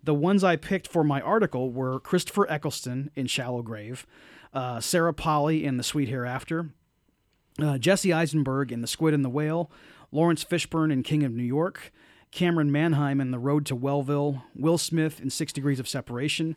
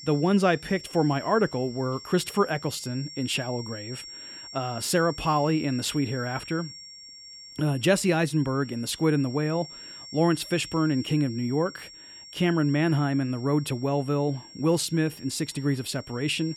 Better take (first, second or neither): first